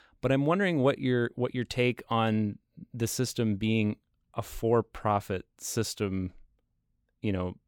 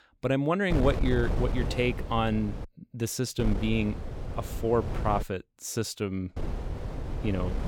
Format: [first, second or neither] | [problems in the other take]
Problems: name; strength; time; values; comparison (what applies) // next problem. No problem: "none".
first | wind noise on the microphone; occasional gusts; from 0.5 to 2.5 s, from 3.5 to 5 s and from 6.5 s on; 10 dB below the speech